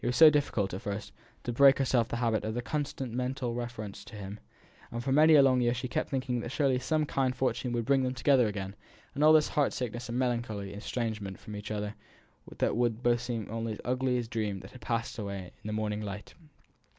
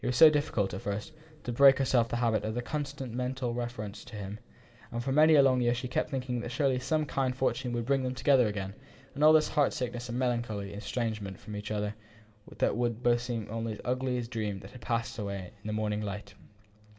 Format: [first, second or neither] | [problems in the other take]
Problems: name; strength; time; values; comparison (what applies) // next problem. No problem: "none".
first | room echo; dies away in 1.6 s